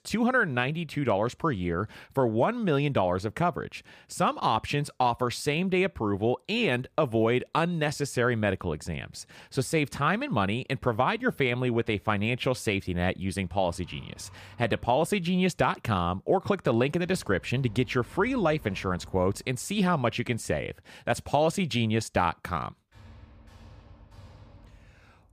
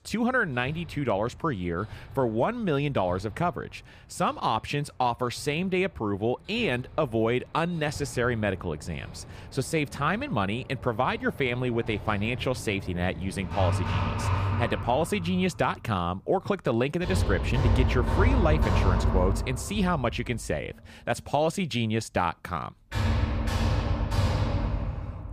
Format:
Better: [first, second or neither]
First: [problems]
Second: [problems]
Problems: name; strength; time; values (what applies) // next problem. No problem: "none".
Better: first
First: machinery noise; faint; throughout; 25 dB below the speech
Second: machinery noise; loud; throughout; 1 dB below the speech